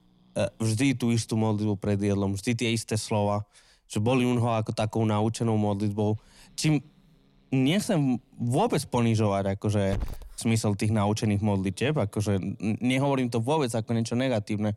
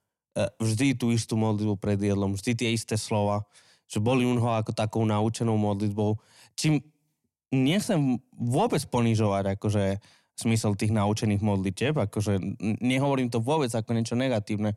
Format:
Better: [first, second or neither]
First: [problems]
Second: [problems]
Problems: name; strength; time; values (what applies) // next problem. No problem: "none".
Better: second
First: hiss; faint; throughout; 20 dB below the speech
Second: none